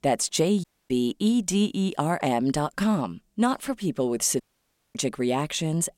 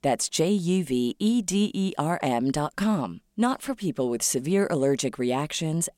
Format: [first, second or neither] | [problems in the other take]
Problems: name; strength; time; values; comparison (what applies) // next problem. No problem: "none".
second | audio cutting out; at 0.5 s and at 4.5 s for 0.5 s